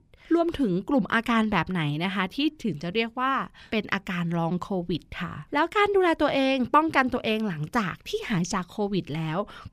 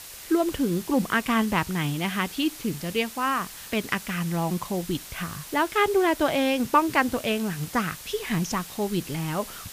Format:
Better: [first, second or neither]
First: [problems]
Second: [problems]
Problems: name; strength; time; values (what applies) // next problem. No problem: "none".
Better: first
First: none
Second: hiss; noticeable; throughout; 15 dB below the speech